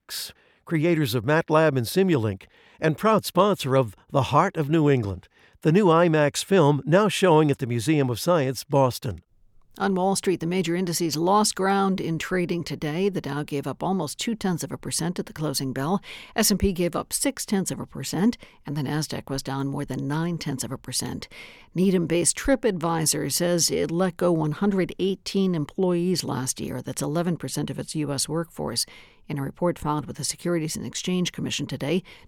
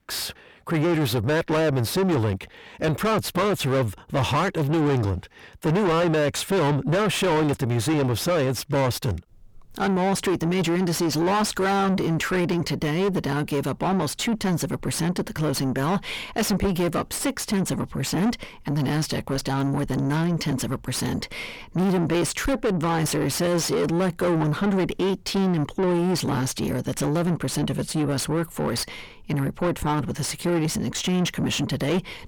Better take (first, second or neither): first